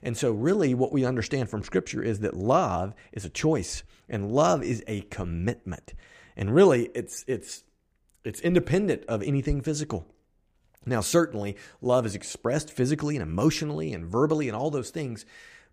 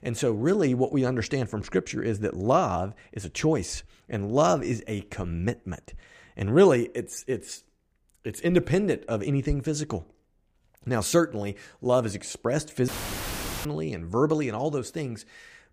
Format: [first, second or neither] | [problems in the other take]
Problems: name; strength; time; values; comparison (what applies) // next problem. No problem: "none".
first | audio cutting out; filled with static; at 13 s for 1 s